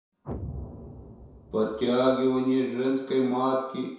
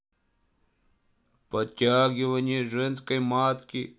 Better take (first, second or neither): second